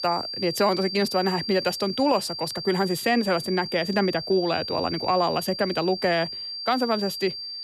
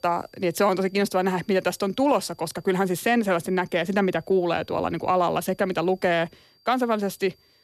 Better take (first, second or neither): second